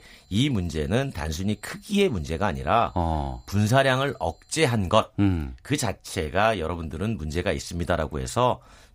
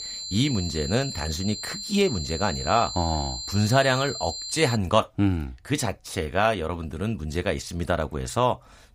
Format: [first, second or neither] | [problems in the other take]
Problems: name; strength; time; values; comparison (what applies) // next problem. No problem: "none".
first | high-pitched whine; loud; until 5 s; 4 kHz, 6 dB below the speech; faint in the first